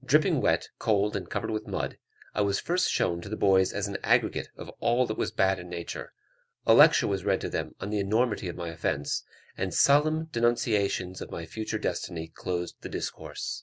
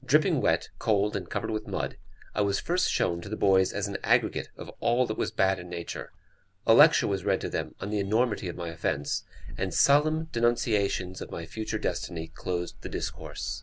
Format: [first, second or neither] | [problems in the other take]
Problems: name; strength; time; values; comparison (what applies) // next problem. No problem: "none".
first | background sound (Keys jangling); 13 dB below the speech